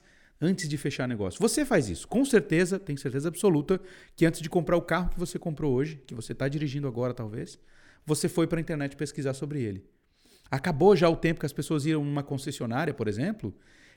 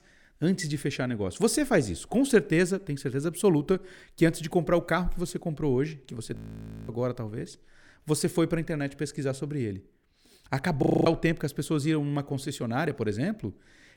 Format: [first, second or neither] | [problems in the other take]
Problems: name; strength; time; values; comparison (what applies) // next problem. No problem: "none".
first | audio freezing; at 6.5 s for 0.5 s and at 11 s